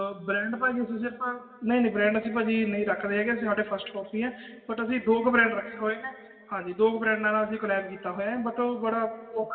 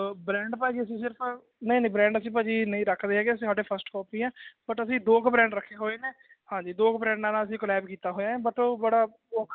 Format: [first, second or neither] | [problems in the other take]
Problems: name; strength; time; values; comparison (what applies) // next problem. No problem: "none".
second | room echo; dies away in 1.7 s